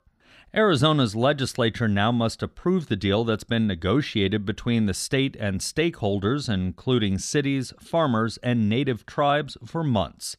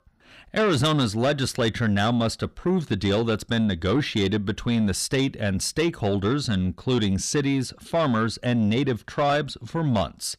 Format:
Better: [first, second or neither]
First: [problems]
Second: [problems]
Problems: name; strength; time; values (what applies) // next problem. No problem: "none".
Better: first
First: none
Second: distortion; slight; 10 dB below the speech